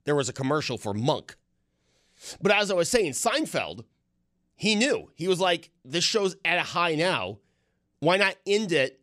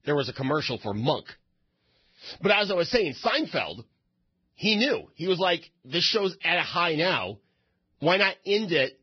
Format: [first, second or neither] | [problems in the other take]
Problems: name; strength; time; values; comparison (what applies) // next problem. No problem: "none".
first | garbled, watery; badly; nothing above 5.5 kHz